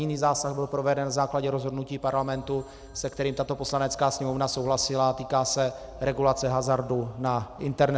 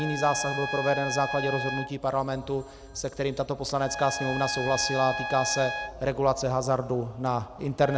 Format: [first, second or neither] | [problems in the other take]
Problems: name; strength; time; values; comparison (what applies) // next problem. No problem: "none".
first | background sound (Trumpet); 8 dB below the speech